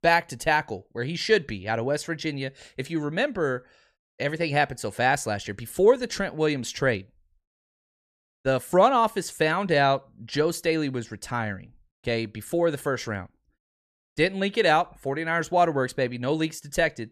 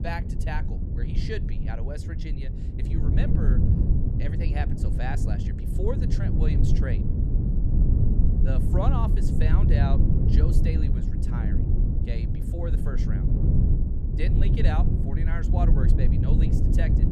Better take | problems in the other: first | low rumble; loud; throughout; as loud as the speech

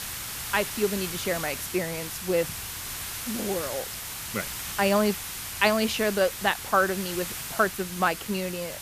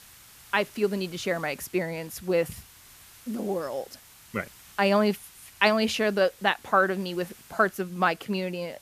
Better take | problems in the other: second | hiss; loud; throughout; 6 dB below the speech; faint in the second

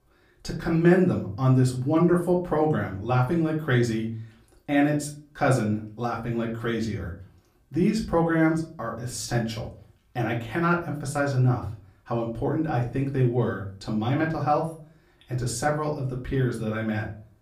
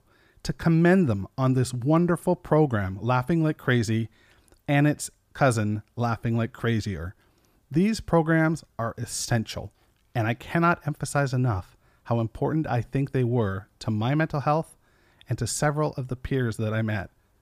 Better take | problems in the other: second | off-mic speech; far // room echo; slight; dies away in 0.3 s

